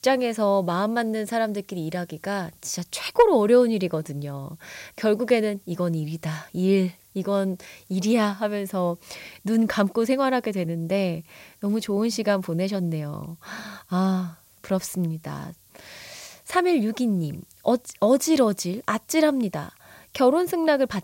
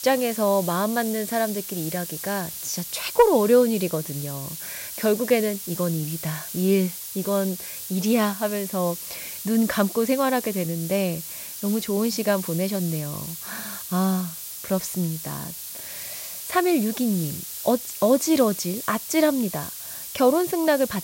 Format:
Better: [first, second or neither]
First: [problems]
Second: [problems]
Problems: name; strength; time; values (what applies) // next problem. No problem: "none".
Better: first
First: hiss; faint; throughout; 30 dB below the speech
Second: hiss; loud; throughout; 8 dB below the speech